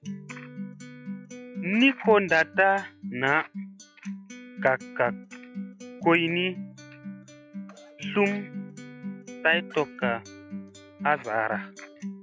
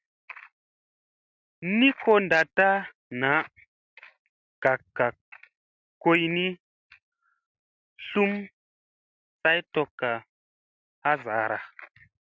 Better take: second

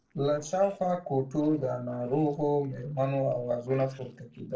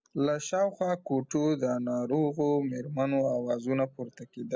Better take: second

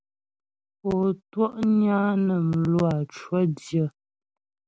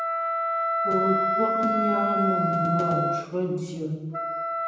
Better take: first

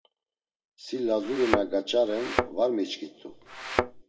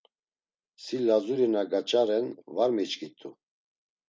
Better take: second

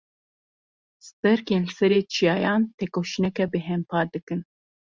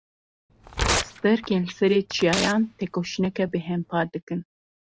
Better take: first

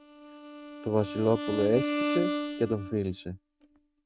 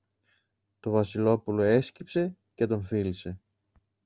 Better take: second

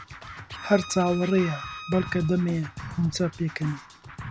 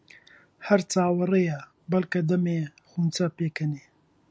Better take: second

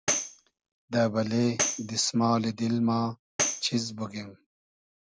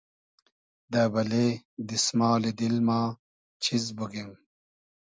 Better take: second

